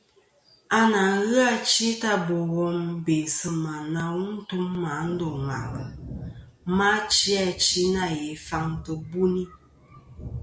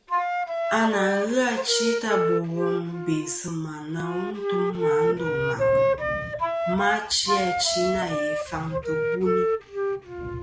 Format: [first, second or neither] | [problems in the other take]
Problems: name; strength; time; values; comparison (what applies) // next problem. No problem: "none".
first | background sound (Wind instrument, woodwind instrument); 2 dB above the speech